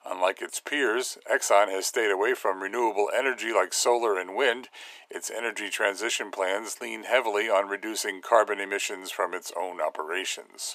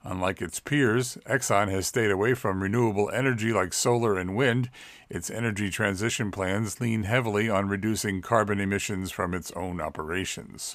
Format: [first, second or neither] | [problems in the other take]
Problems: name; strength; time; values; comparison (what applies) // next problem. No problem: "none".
second | thin; very; fading below 350 Hz